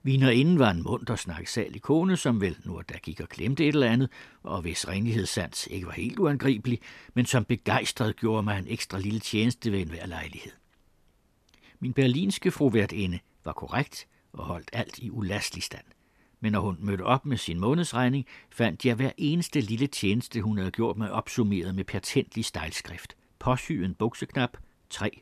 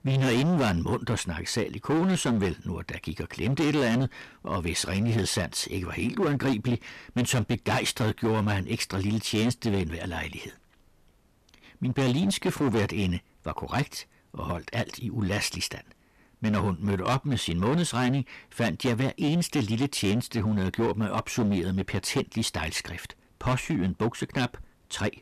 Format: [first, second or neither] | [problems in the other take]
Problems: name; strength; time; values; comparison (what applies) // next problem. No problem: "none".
first | distortion; heavy; 12% of the sound clipped